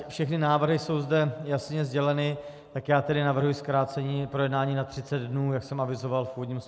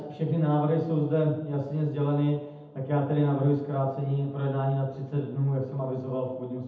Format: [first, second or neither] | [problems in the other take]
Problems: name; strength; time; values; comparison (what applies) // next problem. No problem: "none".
first | room echo; dies away in 0.8 s